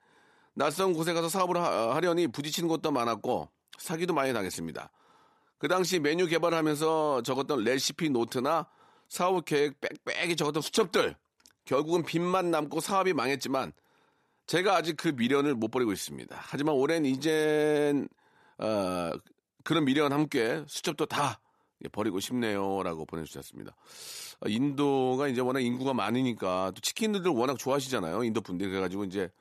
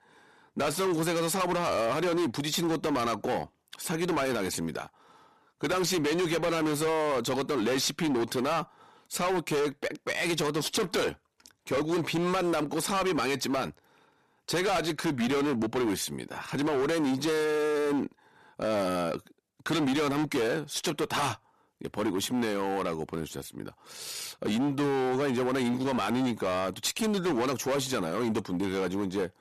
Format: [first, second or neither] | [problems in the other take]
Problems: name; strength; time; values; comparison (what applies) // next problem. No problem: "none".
first | distortion; heavy; 21% of the sound clipped